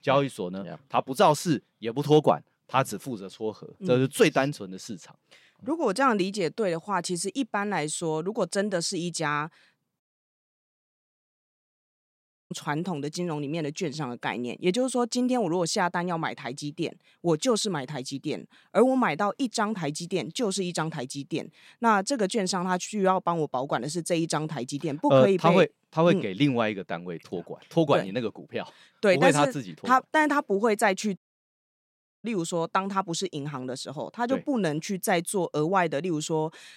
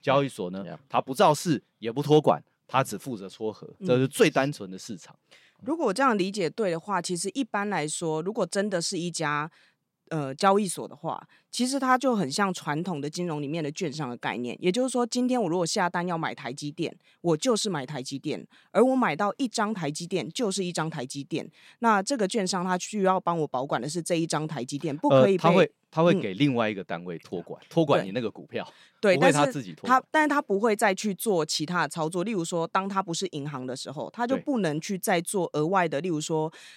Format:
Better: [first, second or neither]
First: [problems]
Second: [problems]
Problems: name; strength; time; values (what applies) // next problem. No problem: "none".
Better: second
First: audio cutting out; at 10 s for 2.5 s and at 31 s for 1 s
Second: none